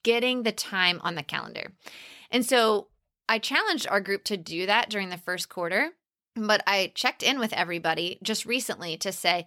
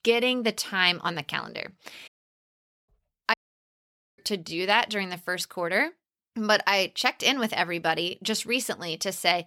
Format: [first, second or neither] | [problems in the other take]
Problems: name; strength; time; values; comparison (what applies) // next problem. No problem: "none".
first | audio cutting out; at 2 s for 1 s and at 3.5 s for 1 s